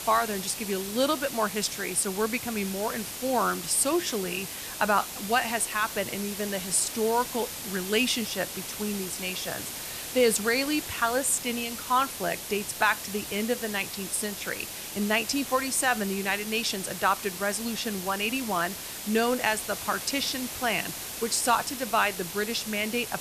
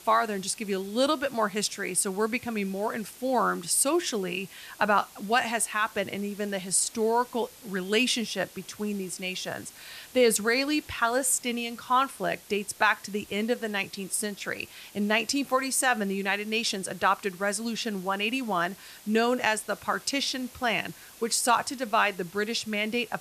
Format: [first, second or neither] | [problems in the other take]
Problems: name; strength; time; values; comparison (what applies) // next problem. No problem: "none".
second | hiss; loud; throughout; 7 dB below the speech; faint in the second